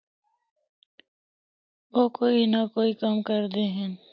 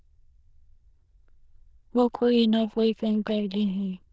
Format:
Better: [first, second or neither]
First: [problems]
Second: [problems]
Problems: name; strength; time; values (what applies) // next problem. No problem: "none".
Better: first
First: none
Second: noise reduction (neural diffusion model UNIVERSE++)